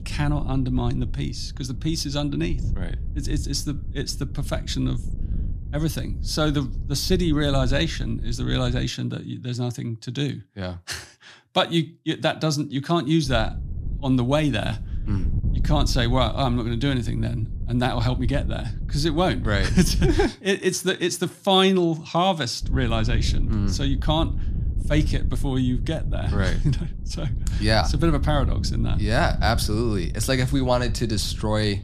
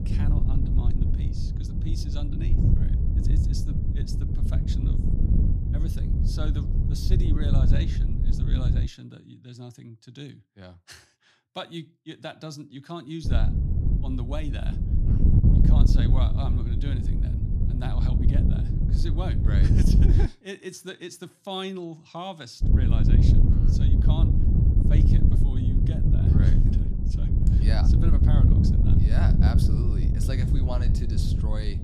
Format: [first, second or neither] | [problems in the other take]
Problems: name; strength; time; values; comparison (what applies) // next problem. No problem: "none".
first | wind noise on the microphone; heavy; until 9 s, from 13 to 20 s and from 23 s on; 2 dB above the speech; occasional gusts in the first